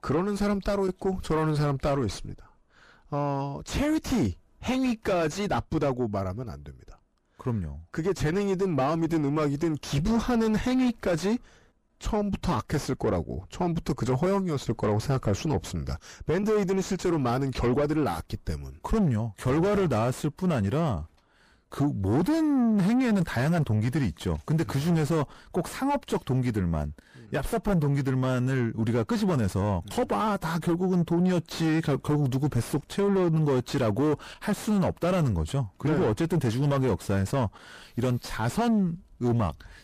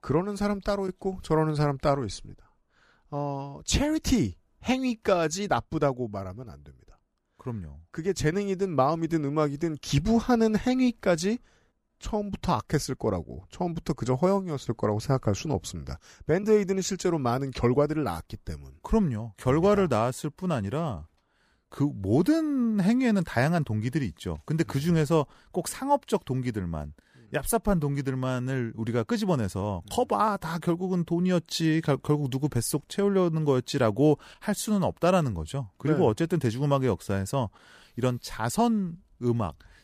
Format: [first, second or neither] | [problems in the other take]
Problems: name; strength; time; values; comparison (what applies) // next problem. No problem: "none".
second | distortion; heavy; 6 dB below the speech